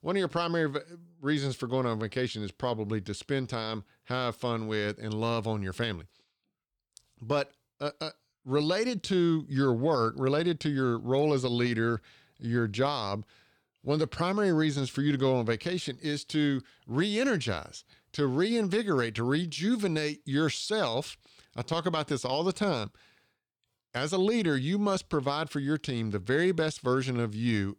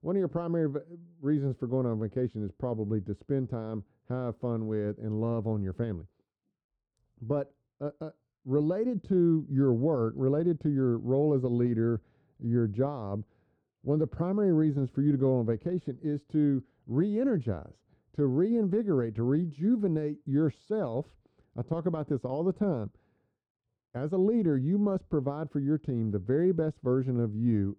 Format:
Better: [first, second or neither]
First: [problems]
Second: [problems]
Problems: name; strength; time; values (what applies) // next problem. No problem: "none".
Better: first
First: none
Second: muffled; very; fading above 1 kHz